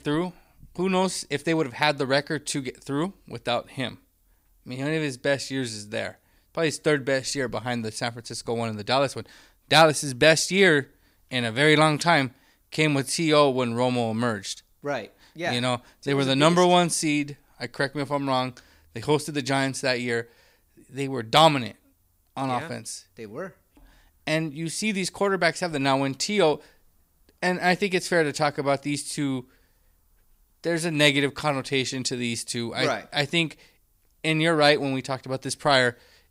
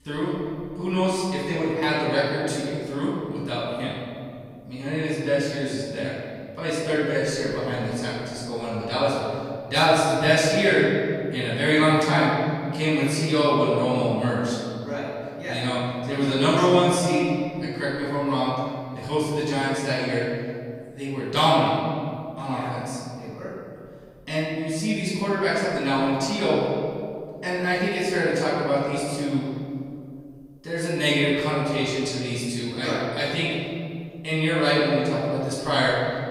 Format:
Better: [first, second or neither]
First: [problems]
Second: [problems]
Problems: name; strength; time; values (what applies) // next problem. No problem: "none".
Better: first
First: none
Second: off-mic speech; far // room echo; strong; dies away in 2.3 s